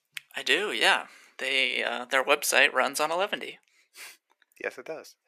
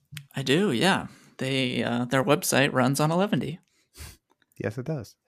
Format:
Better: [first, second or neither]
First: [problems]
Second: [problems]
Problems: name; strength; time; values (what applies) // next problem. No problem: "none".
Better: second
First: thin; very; fading below 450 Hz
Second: none